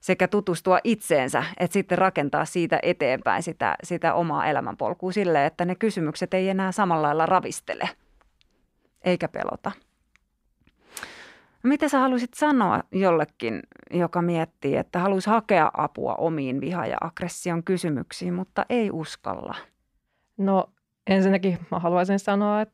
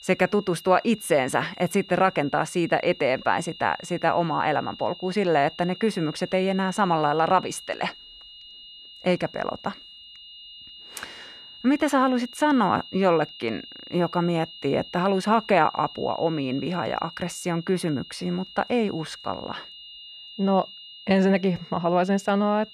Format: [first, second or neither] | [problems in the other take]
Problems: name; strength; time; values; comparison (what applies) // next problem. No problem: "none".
first | high-pitched whine; noticeable; throughout; 3 kHz, 15 dB below the speech